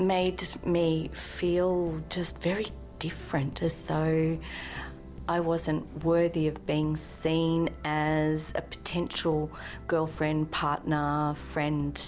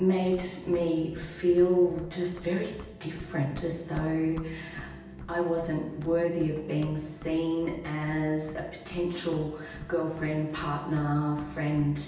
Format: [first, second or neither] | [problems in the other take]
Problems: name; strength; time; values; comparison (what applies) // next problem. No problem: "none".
first | background sound (Run); 19 dB below the speech // room echo; dies away in 0.9 s